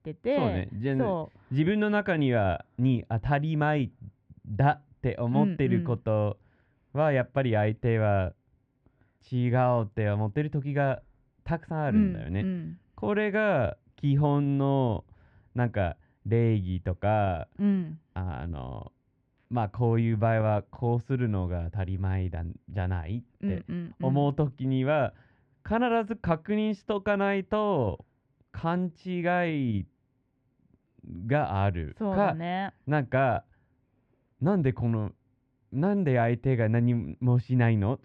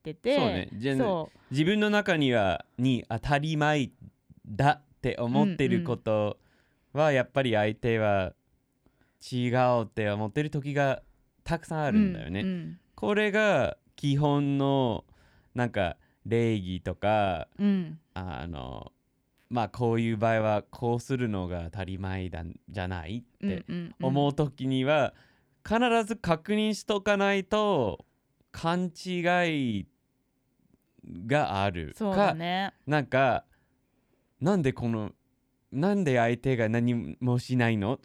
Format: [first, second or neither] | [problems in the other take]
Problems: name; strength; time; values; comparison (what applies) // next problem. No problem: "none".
second | muffled; very; fading above 2 kHz